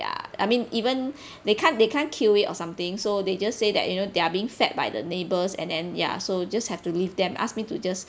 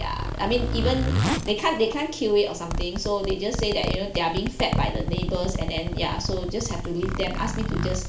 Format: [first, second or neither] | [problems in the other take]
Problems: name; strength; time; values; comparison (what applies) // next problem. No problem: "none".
first | background sound (Zipper (clothing)); 1 dB below the speech // room echo; dies away in 0.4 s